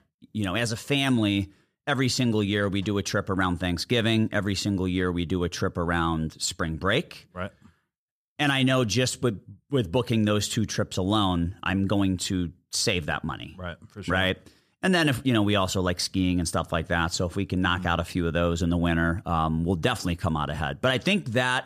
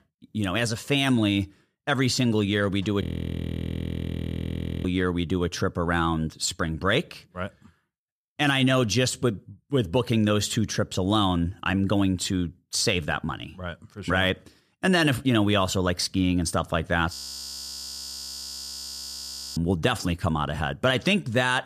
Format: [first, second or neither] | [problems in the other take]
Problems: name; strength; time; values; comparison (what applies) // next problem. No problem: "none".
first | audio freezing; at 3 s for 2 s and at 17 s for 2.5 s